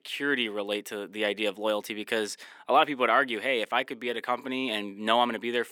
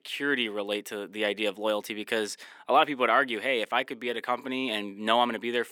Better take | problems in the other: neither | thin; somewhat; fading below 300 Hz; the same in both

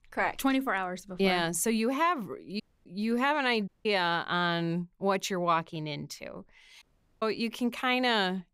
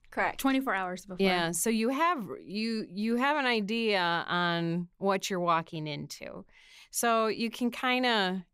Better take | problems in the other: second | audio cutting out; at 2.5 s, at 3.5 s and at 7 s

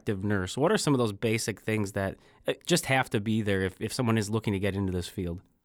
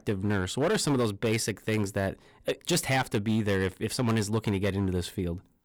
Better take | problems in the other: first | distortion; slight; 8% of the sound clipped

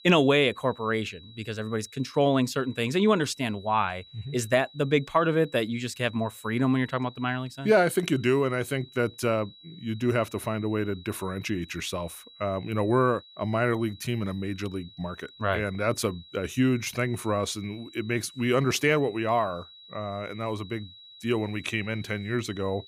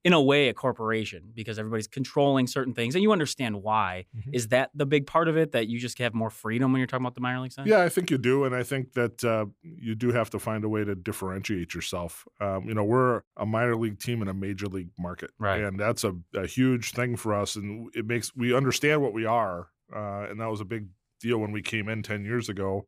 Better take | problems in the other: second | high-pitched whine; faint; throughout; 4 kHz, 20 dB below the speech

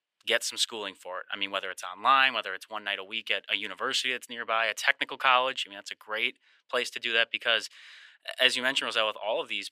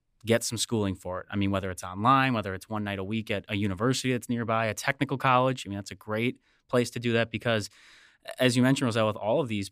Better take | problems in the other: second | thin; very; fading below 600 Hz

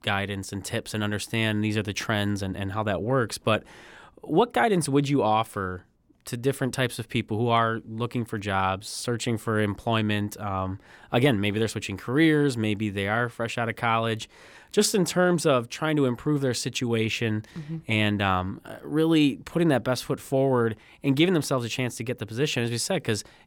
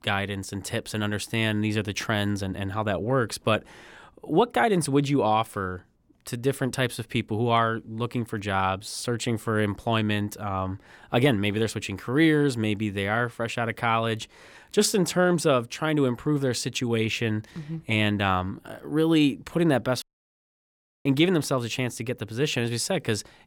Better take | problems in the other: first | audio cutting out; at 20 s for 1 s

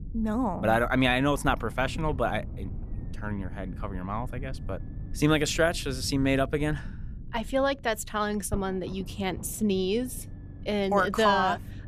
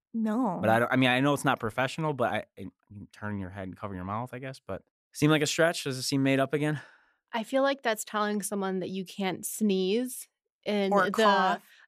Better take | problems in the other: second | low rumble; faint; throughout; 25 dB below the speech

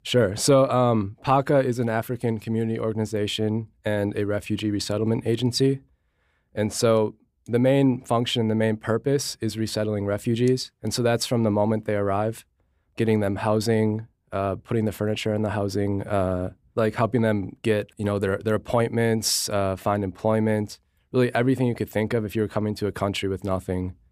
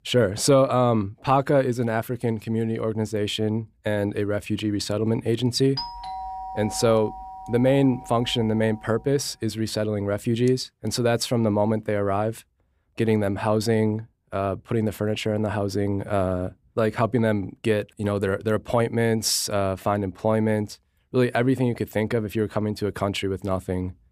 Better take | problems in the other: first | doorbell; noticeable; from 6 to 8.5 s; peak 7 dB below the speech

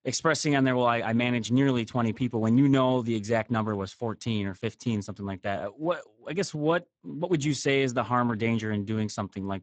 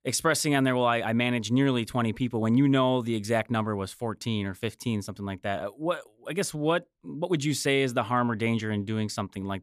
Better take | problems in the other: second | garbled, watery; badly; nothing above 7.5 kHz

